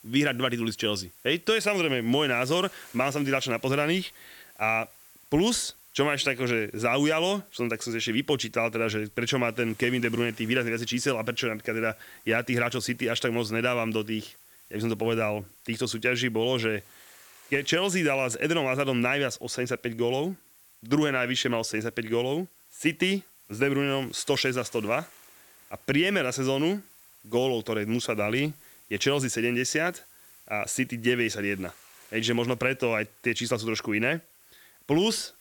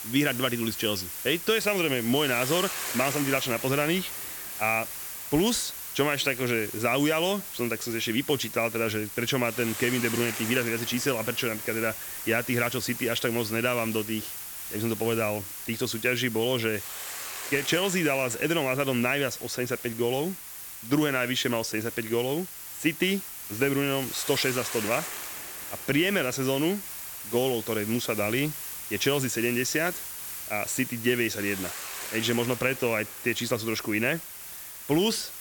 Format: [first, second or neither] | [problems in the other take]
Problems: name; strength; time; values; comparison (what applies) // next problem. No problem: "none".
first | hiss; loud; throughout; 7 dB below the speech; faint in the first